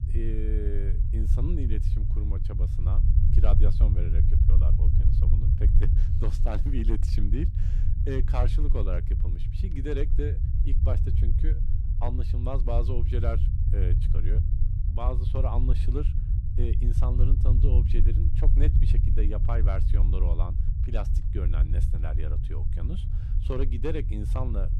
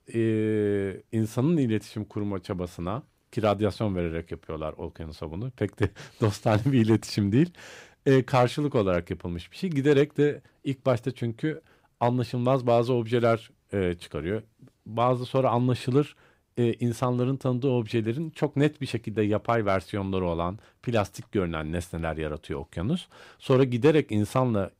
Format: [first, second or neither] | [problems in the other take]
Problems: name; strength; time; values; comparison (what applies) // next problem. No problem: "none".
second | low rumble; loud; throughout; 5 dB below the speech